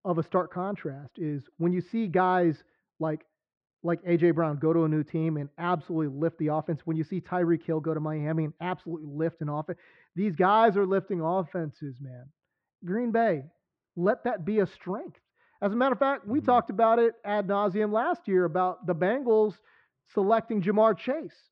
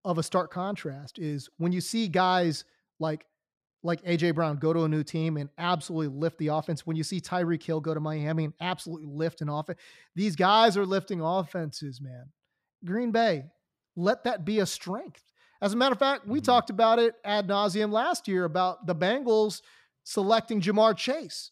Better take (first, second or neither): second